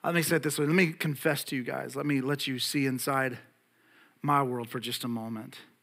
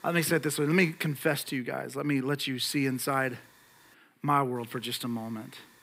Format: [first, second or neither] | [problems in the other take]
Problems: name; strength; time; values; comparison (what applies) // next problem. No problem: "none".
first | hiss; faint; until 1.5 s, from 2.5 to 4 s and from 4.5 s on; 30 dB below the speech